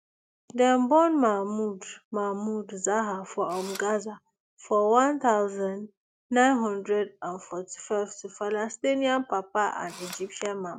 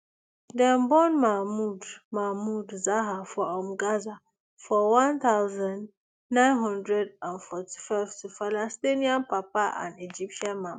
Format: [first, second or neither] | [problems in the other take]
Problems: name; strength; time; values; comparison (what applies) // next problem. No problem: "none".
second | background sound (Engine / Drill); 18 dB below the speech